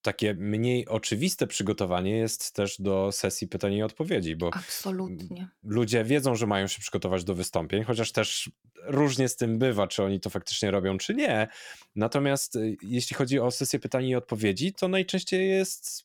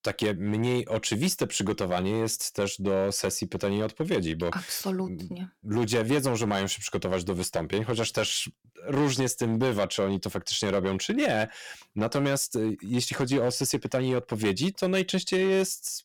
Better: first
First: none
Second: distortion; slight; 6% of the sound clipped

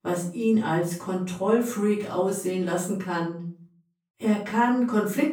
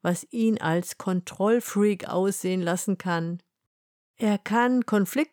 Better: second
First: off-mic speech; far // room echo; slight; dies away in 0.4 s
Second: none

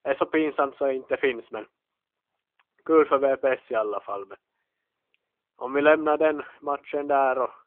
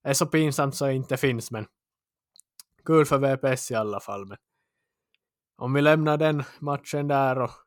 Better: second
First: phone-call audio; nothing above 3 kHz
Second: none

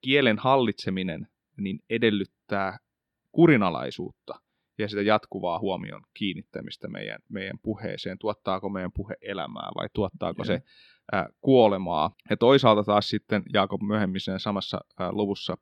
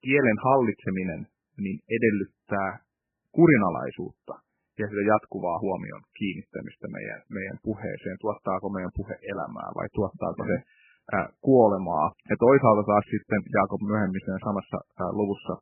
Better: first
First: none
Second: garbled, watery; badly; nothing above 2.5 kHz

